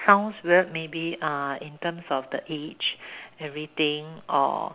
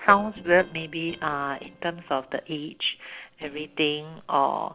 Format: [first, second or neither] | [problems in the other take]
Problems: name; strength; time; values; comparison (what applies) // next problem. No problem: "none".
first | noise reduction (neural separator model SepFormer DNS4)